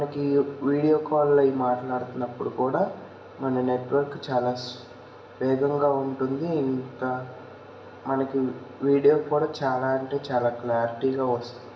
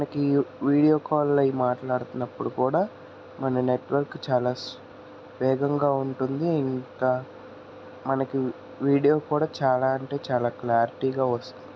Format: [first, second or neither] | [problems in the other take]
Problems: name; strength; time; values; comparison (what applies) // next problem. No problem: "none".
second | room echo; dies away in 1.4 s